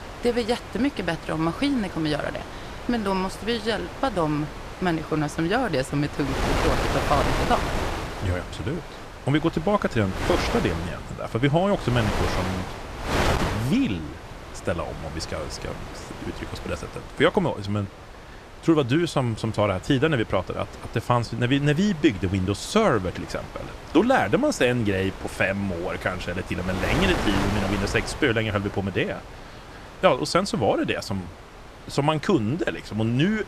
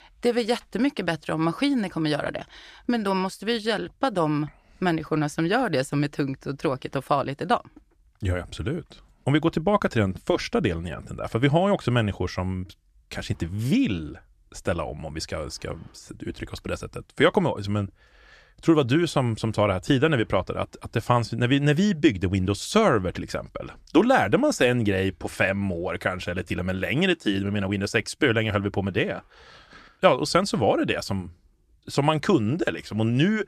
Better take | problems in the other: second | wind noise on the microphone; heavy; 7 dB below the speech

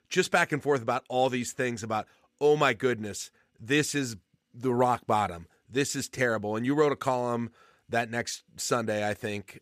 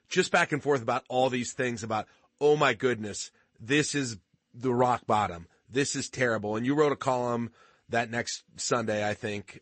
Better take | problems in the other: first | garbled, watery; slightly; nothing above 8 kHz

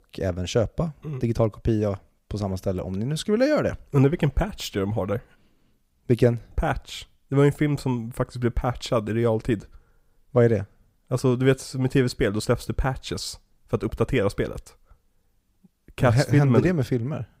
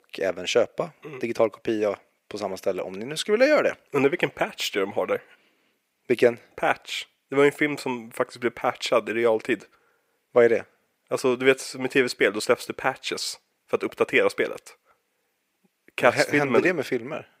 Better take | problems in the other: first | thin; somewhat; fading below 400 Hz

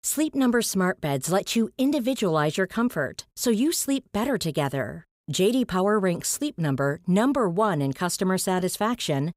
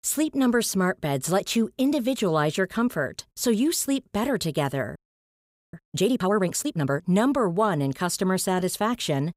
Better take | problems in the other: first | audio freezing; at 5 s for 1 s

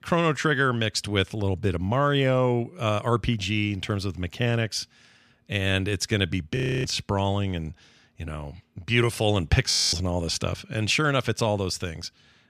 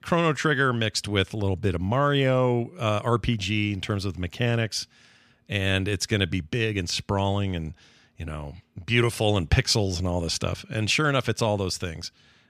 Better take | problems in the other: second | audio freezing; at 6.5 s and at 9.5 s

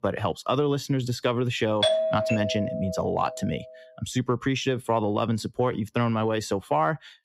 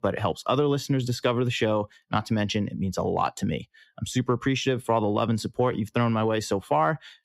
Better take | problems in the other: second | doorbell; loud; from 2 to 3.5 s; peak 4 dB above the speech

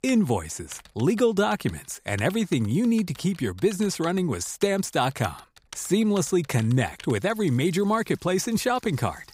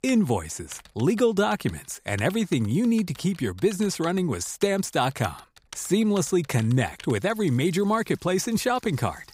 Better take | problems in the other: neither | household noises; faint; throughout; 25 dB below the speech; the same in both

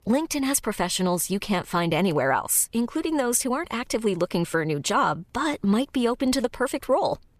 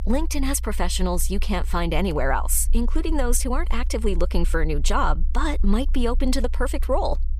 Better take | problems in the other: first | low rumble; faint; throughout; 25 dB below the speech

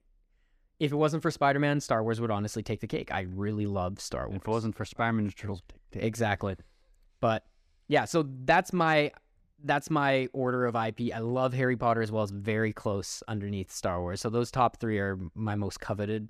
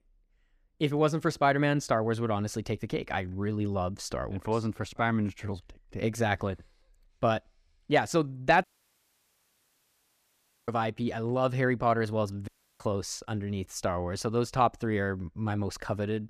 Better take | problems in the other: first | audio cutting out; at 8.5 s for 2 s and at 12 s

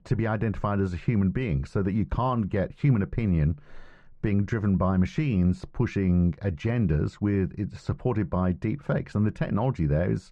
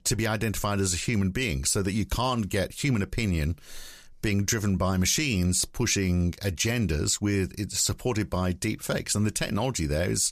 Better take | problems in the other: second | muffled; very; fading above 1.5 kHz

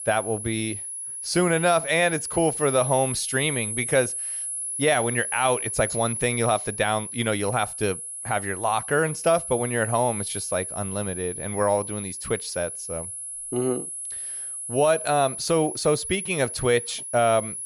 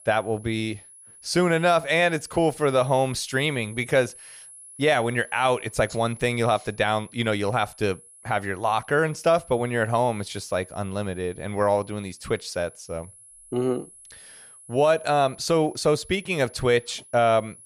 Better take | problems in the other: second | high-pitched whine; loud; throughout; 10.5 kHz, 5 dB below the speech; faint in the second

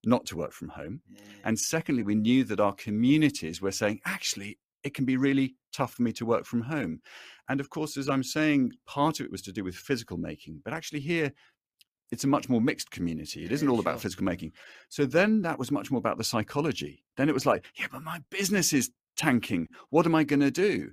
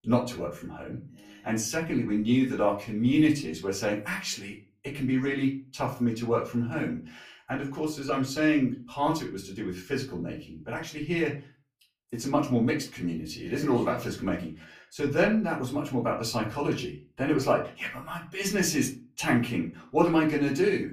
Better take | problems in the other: first | off-mic speech; far // room echo; very slight; dies away in 0.3 s

